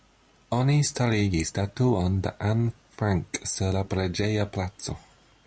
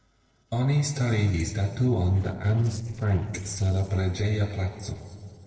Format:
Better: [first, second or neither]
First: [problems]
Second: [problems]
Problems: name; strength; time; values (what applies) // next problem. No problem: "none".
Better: first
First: none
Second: noise reduction (neural separator model SepFormer DNS4)